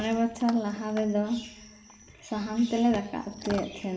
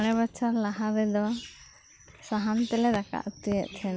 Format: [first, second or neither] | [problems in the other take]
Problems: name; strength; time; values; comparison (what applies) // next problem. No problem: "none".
second | background sound (Chewing, mastication / Dog); 19 dB below the speech // room echo; dies away in 2.3 s